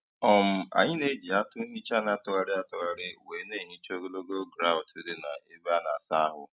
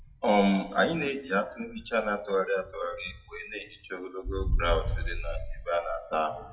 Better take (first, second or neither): first